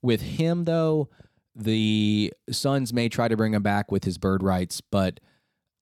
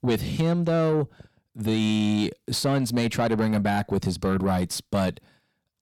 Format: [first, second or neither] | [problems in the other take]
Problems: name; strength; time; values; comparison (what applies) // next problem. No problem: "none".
first | distortion; slight; 10 dB below the speech